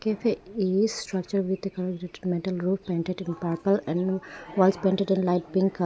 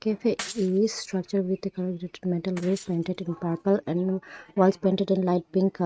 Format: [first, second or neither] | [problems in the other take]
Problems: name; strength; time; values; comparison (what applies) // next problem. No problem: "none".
first | noise reduction (neural mask model RNNoise)